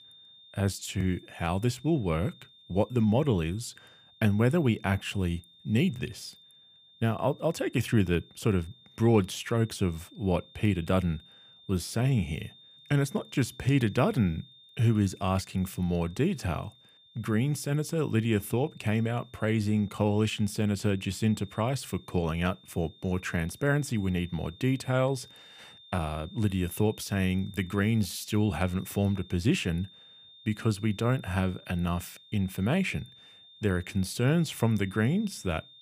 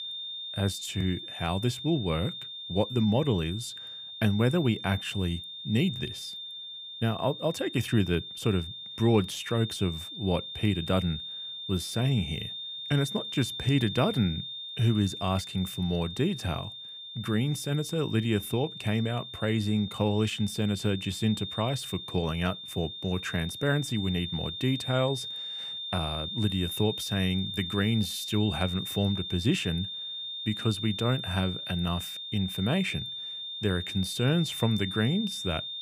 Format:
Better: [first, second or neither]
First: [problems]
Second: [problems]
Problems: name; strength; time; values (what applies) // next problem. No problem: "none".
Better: first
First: high-pitched whine; faint; throughout; 3.5 kHz, 25 dB below the speech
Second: high-pitched whine; loud; throughout; 3.5 kHz, 7 dB below the speech